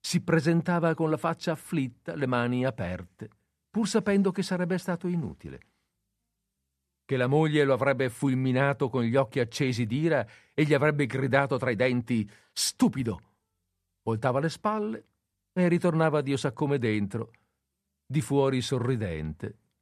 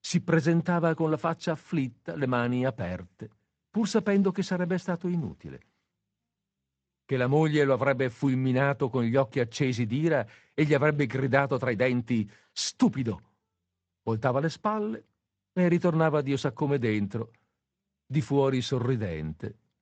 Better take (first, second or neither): first